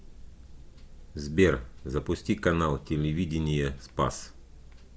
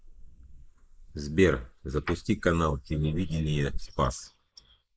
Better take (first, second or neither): first